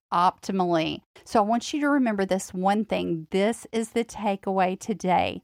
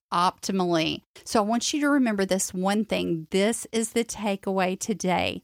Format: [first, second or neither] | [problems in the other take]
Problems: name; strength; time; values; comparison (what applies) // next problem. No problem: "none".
second | muffled; slightly; fading above 3.5 kHz